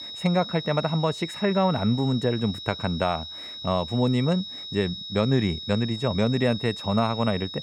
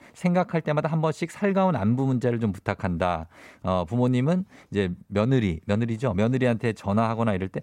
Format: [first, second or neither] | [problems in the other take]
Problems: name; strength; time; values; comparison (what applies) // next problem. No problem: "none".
second | high-pitched whine; loud; throughout; 4 kHz, 9 dB below the speech